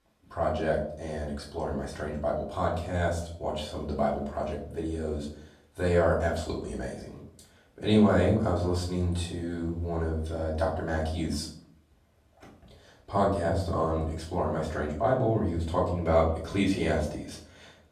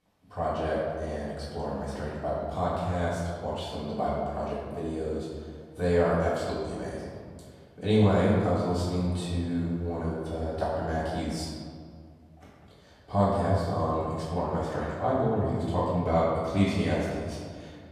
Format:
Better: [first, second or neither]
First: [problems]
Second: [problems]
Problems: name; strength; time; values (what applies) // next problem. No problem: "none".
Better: first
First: room echo; slight; dies away in 0.5 s // off-mic speech; far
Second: room echo; strong; dies away in 1.7 s // off-mic speech; far